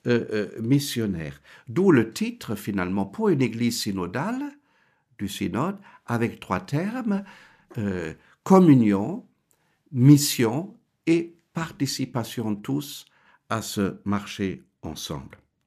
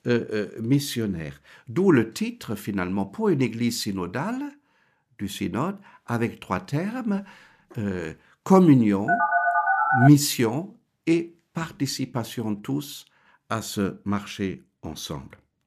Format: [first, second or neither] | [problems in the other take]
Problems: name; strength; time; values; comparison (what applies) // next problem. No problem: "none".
first | phone ringing; loud; from 9 to 10 s; peak 4 dB above the speech